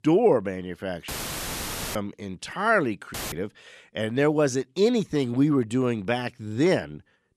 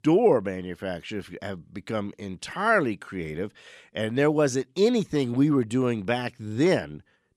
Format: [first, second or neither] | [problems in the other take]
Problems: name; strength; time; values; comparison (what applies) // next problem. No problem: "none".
second | audio cutting out; filled with static; at 1 s for 1 s and at 3 s